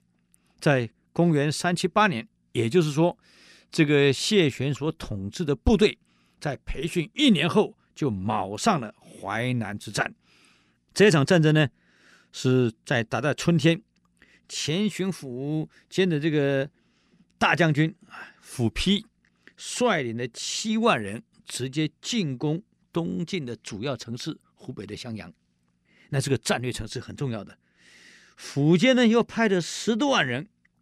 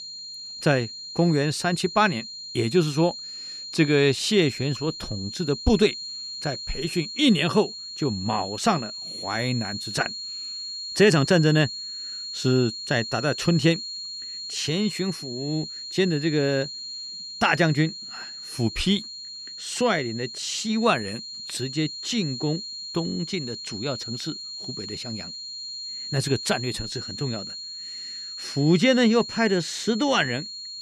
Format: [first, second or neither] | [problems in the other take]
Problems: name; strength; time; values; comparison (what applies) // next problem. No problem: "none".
first | high-pitched whine; loud; throughout; 4.5 kHz, 9 dB below the speech